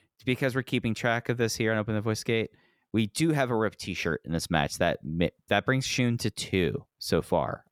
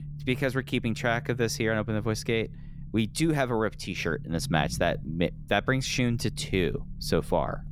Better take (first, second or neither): first